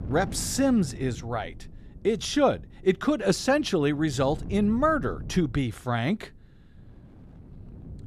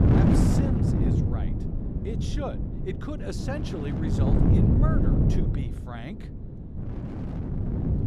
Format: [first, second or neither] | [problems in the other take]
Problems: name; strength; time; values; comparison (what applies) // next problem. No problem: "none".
first | wind noise on the microphone; heavy; 4 dB above the speech; occasional gusts in the first